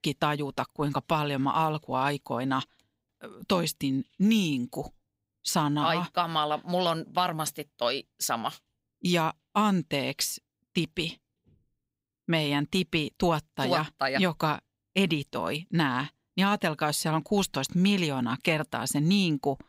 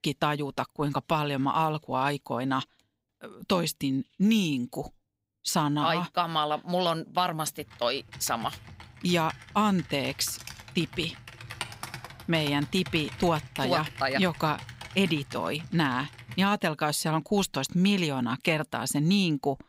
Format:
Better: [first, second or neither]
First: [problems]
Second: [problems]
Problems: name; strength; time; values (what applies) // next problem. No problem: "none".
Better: first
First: none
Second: keyboard typing; noticeable; from 8 to 16 s; peak 8 dB below the speech